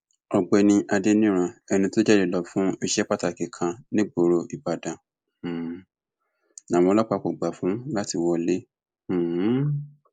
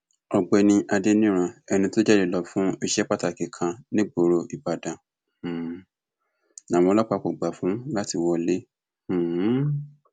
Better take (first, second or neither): second